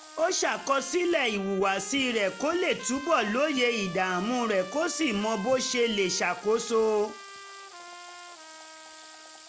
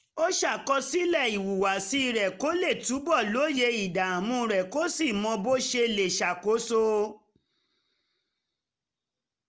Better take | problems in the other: second | background sound (Trumpet + Water tap, faucet / Water); 15 dB below the speech

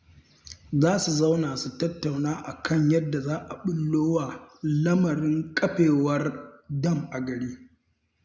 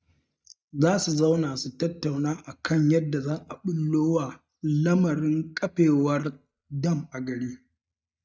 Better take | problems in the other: first | noise reduction (neural mask model DeepFilterNet 3)

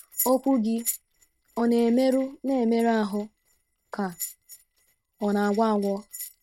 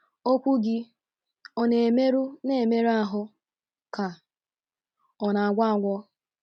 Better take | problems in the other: second | noise reduction (neural mask model RNNoise)

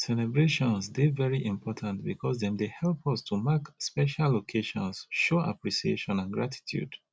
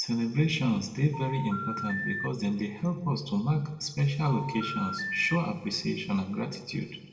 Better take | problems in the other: first | background sound (Telephone); 7 dB below the speech // room echo; dies away in 1.2 s

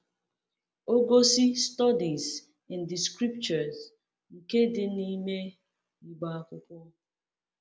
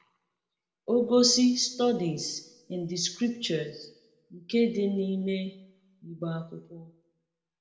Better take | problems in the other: first | room echo; dies away in 0.6 s

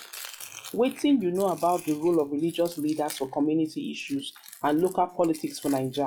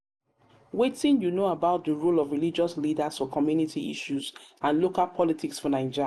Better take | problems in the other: second | noise reduction (classical method log-MMSE)

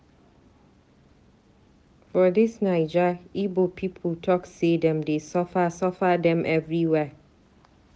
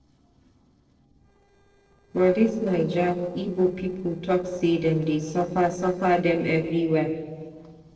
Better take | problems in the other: first | noise reduction (neural separator model SepFormer DNS4)

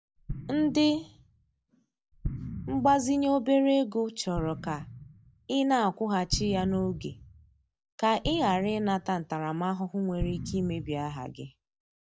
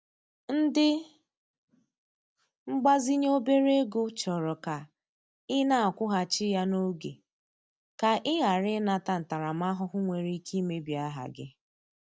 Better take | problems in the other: second | background sound (Explosion); 11 dB below the speech

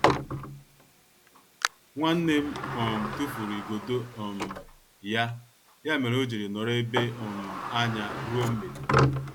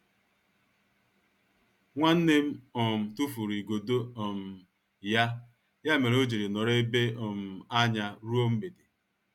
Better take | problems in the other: second | background sound (Sliding door); 1 dB below the speech

